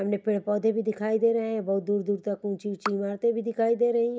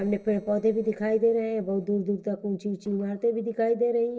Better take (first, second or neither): first